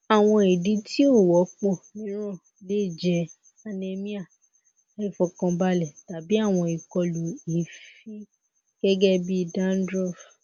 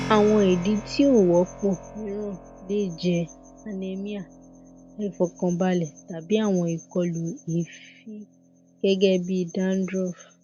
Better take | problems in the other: first | background sound (Keyboard (musical)); 17 dB below the speech

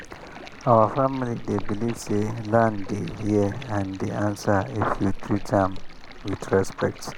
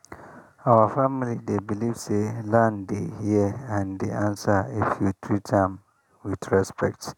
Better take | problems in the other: second | background sound (Stream); 11 dB below the speech

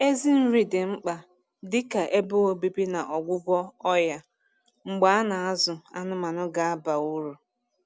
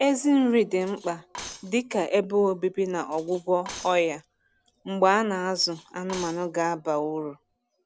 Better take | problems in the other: first | background sound (Cutlery, silverware); 20 dB below the speech

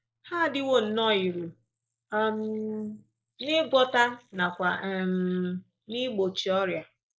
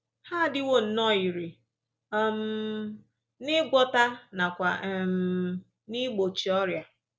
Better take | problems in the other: second | noise reduction (neural mask model Resemble Enhance denoiser)

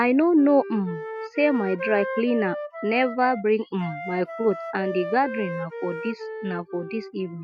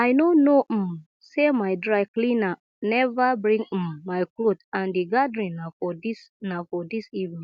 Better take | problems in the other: second | noise reduction (classical method Wiener filter)

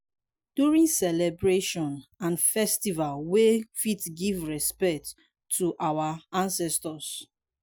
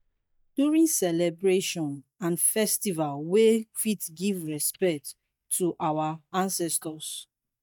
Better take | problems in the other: first | noise reduction (neural mask model DeepFilterNet 3)

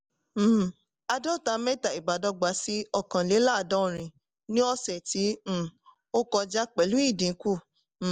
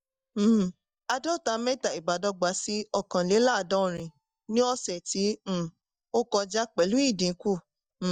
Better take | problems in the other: first | noise reduction (neural mask model DeepFilterNet 3)

